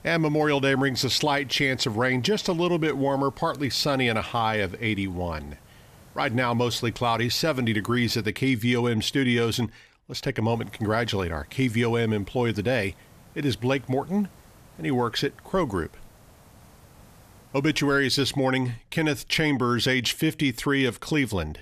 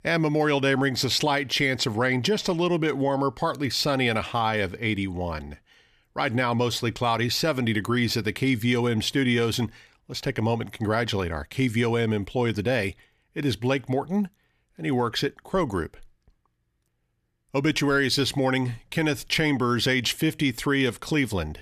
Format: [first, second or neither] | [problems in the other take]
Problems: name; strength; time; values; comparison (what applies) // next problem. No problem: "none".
second | hiss; faint; until 8.5 s and from 11 to 18 s; 25 dB below the speech